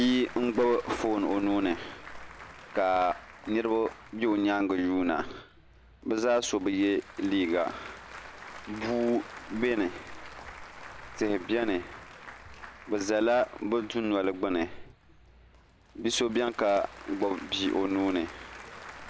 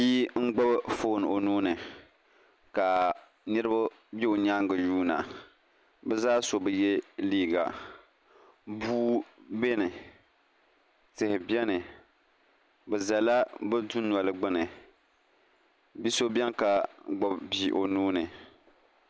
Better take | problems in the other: second | background sound (Applause / Crowd); 16 dB below the speech

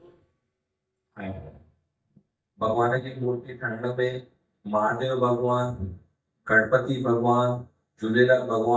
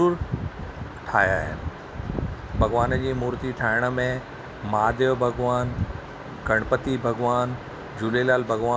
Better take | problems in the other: second | noise reduction (neural mask model DeepFilterNet 3)

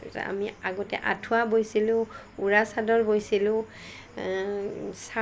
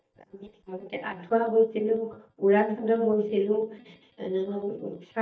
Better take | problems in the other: first | noise reduction (neural mask model DeepFilterNet 3)

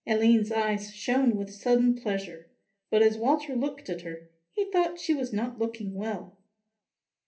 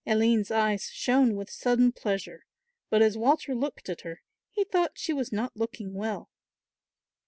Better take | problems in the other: second | room echo; dies away in 0.3 s

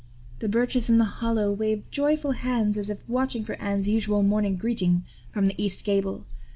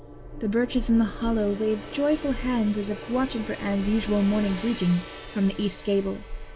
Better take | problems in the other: first | background sound (Gong); 14 dB below the speech

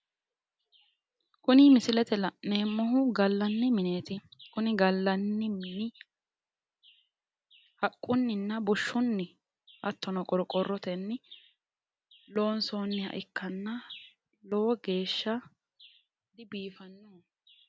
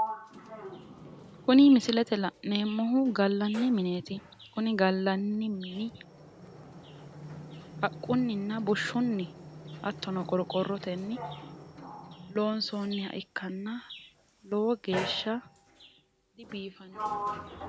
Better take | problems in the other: first | background sound (Sliding door); 13 dB below the speech

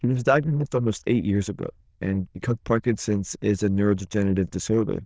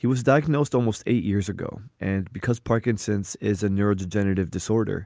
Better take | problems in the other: second | noise reduction (neural diffusion model UNIVERSE++)

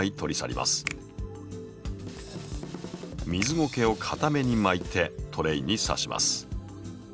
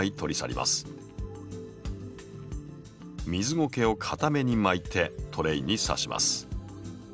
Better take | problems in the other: second | background sound (Finger snapping + Drum kit); 12 dB below the speech

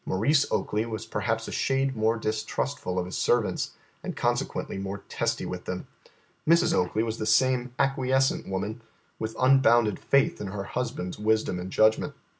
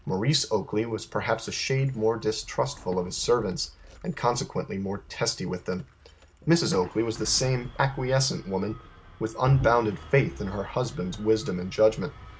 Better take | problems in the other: first | background sound (Engine starting); 17 dB below the speech

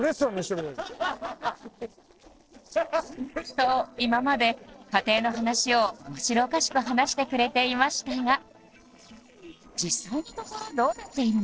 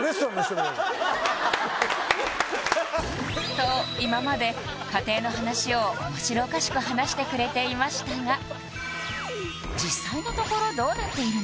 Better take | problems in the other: second | noise reduction (neural separator model SepFormer DNS4)

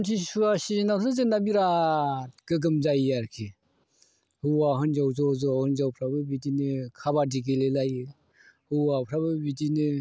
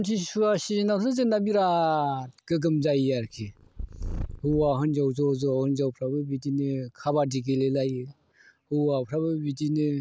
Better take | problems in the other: first | background sound (Purr); 11 dB below the speech

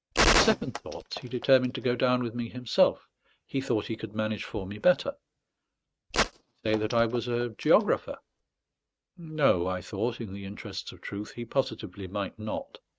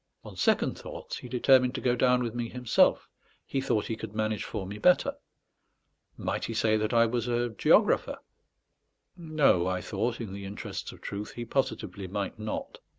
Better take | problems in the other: second | noise reduction (neural mask model RNNoise)

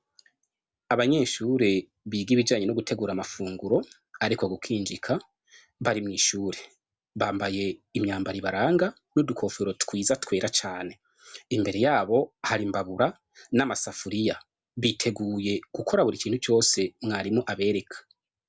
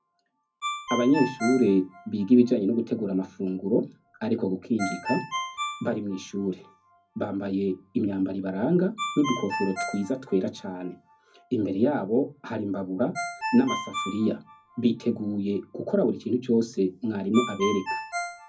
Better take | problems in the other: first | background sound (Ringtone); 11 dB below the speech // room echo; dies away in 0.4 s

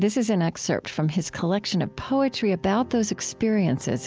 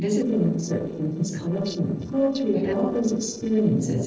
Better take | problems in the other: first | noise reduction (neural separator model SepFormer DNS4)

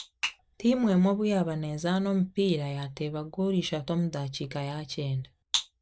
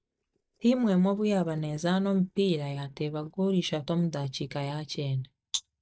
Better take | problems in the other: first | noise reduction (neural mask model DeepFilterNet 3)

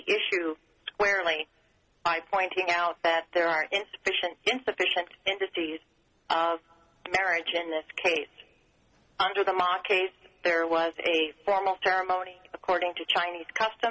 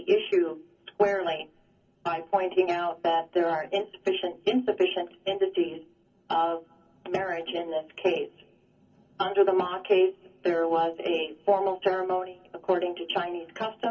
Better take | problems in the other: first | room echo; dies away in 0.3 s

